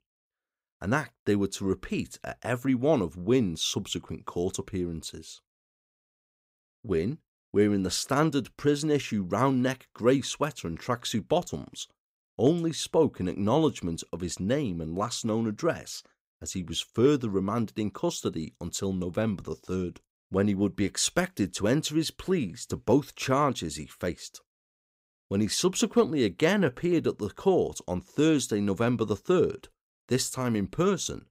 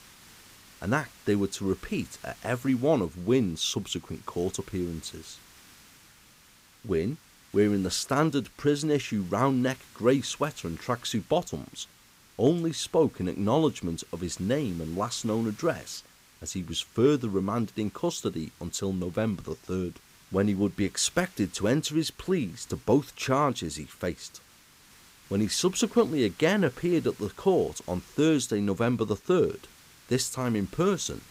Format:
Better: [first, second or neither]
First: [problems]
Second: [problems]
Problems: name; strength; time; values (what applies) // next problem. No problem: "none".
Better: first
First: none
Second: hiss; faint; throughout; 25 dB below the speech